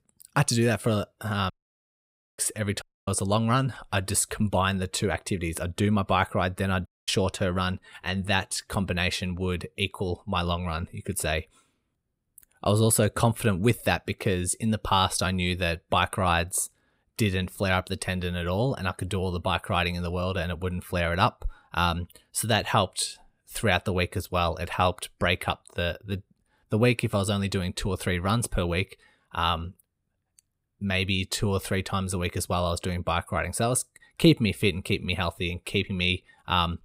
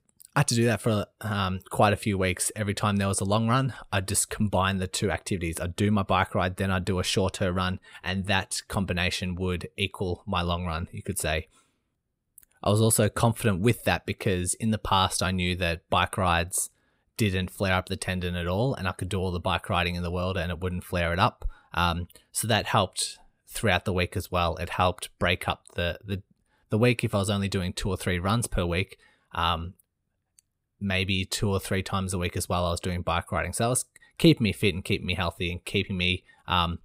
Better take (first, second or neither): second